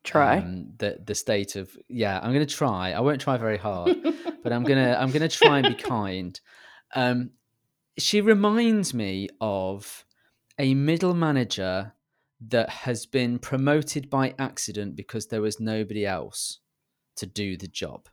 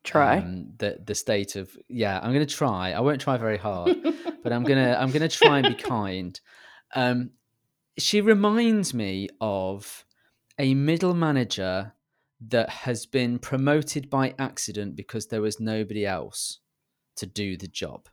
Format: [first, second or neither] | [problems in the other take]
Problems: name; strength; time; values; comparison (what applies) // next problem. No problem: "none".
neither | none